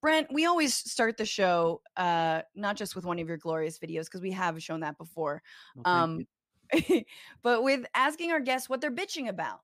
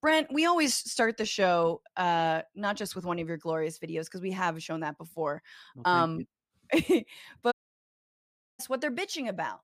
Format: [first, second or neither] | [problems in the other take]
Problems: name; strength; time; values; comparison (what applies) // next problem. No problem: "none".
first | audio cutting out; at 7.5 s for 1 s